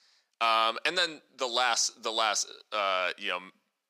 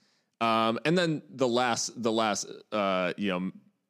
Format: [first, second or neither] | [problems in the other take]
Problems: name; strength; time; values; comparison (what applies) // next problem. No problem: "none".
second | thin; very; fading below 850 Hz